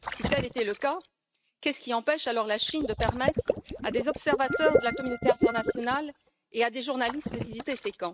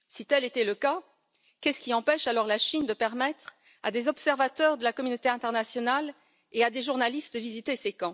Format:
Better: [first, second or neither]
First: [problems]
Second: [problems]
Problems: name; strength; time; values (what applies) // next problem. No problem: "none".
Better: second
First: noise reduction (neural mask model RNNoise)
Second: none